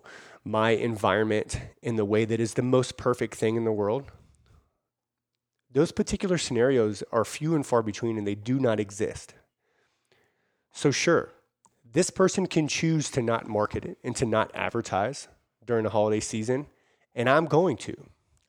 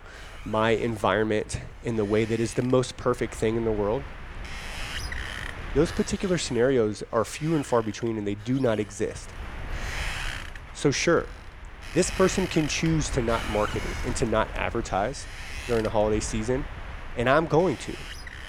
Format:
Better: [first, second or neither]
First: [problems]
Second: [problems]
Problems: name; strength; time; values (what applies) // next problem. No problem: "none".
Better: first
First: none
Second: wind noise on the microphone; occasional gusts; 10 dB below the speech